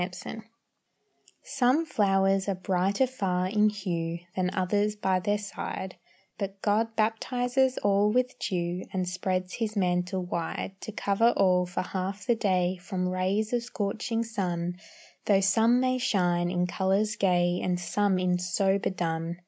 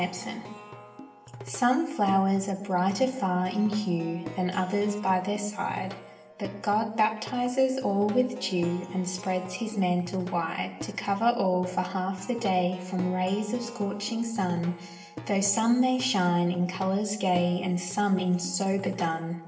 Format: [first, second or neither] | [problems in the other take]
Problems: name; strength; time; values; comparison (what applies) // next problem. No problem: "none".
first | background sound (Plucked string instrument); 16 dB below the speech // room echo; dies away in 0.8 s